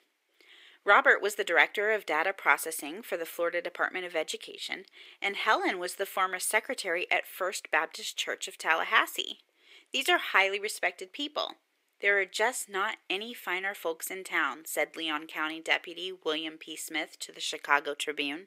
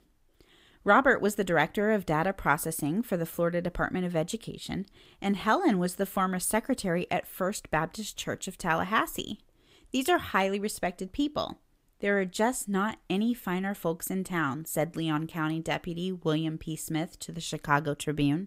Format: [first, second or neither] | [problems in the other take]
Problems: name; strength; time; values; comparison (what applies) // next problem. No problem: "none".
second | thin; very; fading below 400 Hz